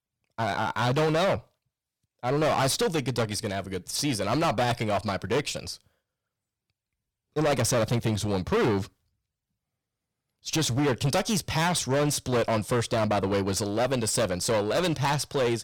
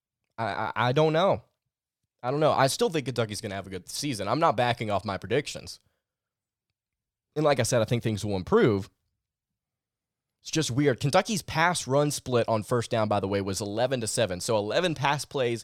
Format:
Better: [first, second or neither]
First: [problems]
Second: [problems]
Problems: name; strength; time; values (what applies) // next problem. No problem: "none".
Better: second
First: distortion; heavy; 16% of the sound clipped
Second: none